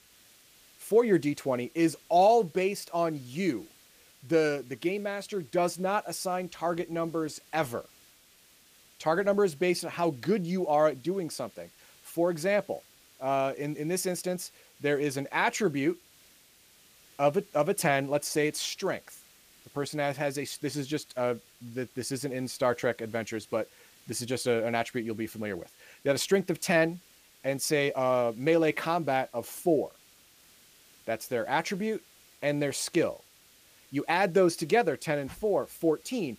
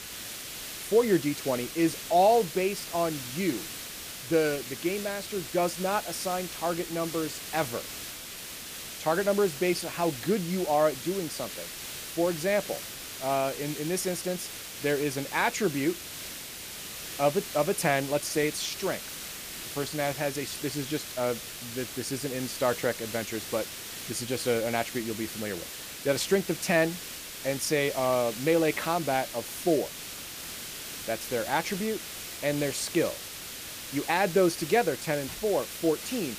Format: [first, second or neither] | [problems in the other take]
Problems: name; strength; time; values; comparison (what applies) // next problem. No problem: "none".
first | hiss; loud; throughout; 8 dB below the speech; faint in the first